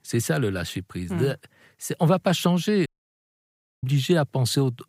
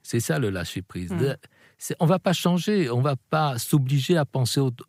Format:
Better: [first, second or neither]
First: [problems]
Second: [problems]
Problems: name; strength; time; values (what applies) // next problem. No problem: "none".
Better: second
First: audio cutting out; at 3 s for 1 s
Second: none